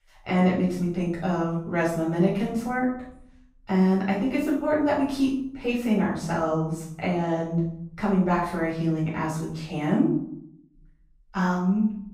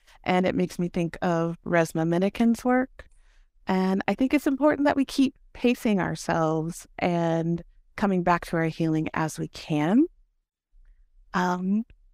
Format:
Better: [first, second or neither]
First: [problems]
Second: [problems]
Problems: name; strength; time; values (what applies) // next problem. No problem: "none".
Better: second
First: off-mic speech; far // room echo; noticeable; dies away in 0.7 s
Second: none